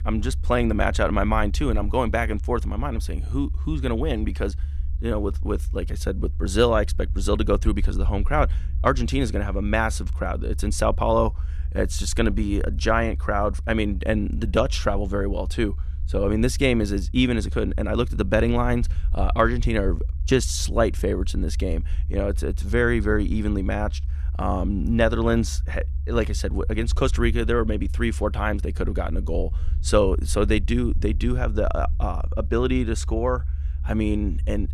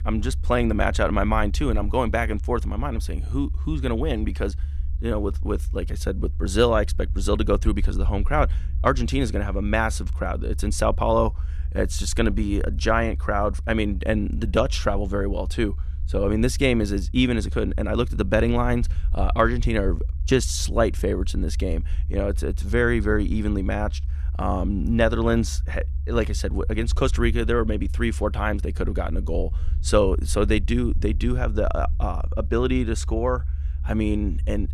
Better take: neither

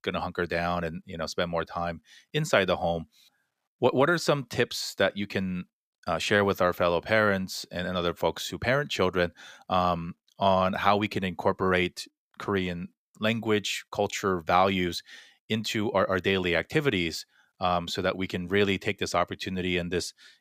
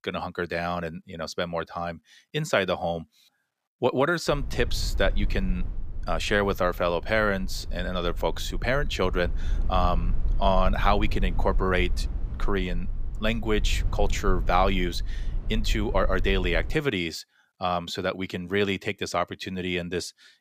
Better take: first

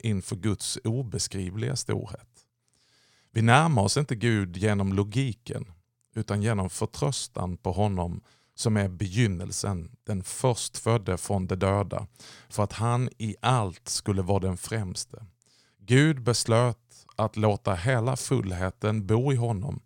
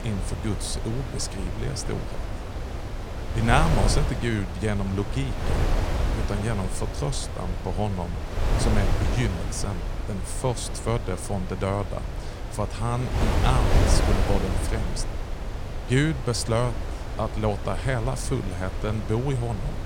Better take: first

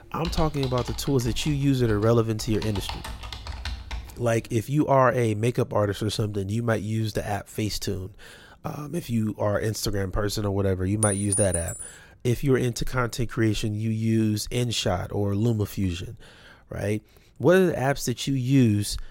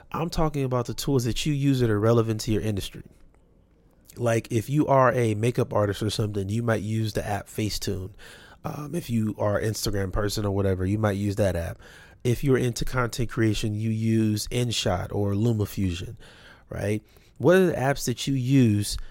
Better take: second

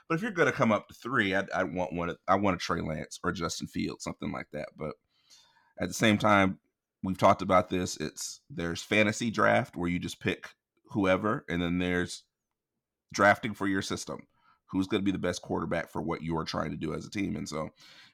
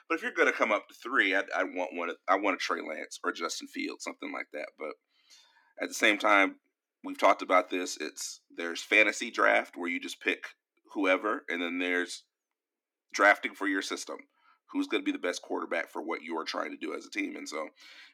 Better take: first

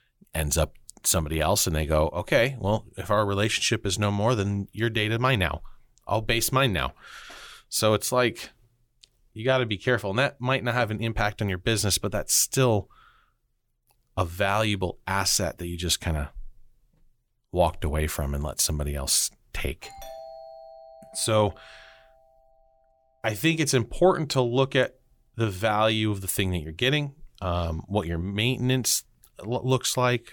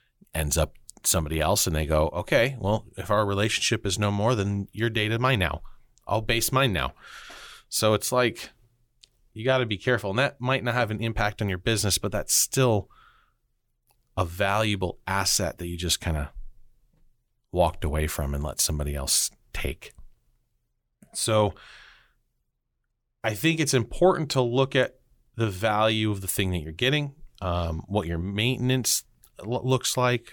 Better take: second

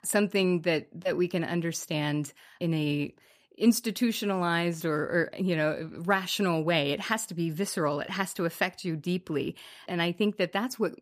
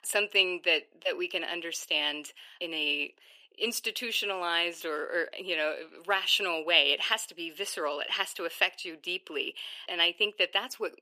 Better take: first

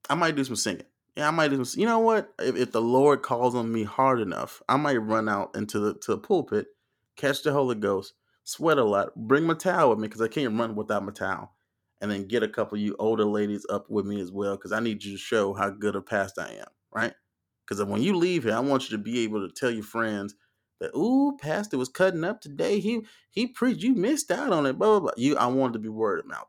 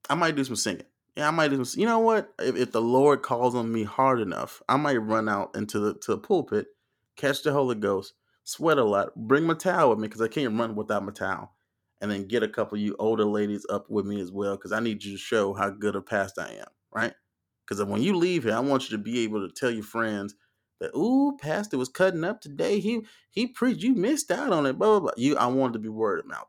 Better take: neither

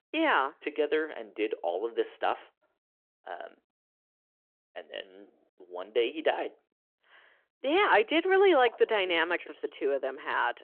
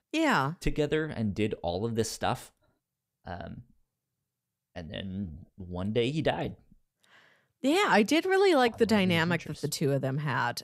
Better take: second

